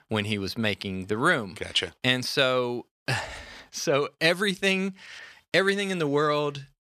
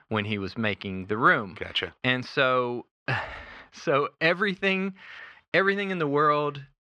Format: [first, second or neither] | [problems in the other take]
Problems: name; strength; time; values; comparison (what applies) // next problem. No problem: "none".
first | muffled; slightly; fading above 2.5 kHz